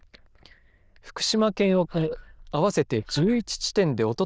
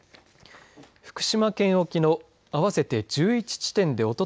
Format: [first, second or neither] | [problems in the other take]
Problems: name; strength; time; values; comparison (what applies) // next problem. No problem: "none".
second | noise reduction (neural diffusion model UNIVERSE++)